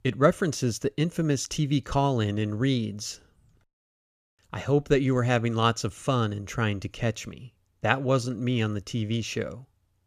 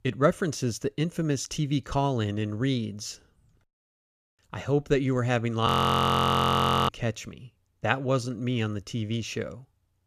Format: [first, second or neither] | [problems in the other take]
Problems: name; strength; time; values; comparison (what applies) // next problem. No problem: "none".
first | audio freezing; at 5.5 s for 1 s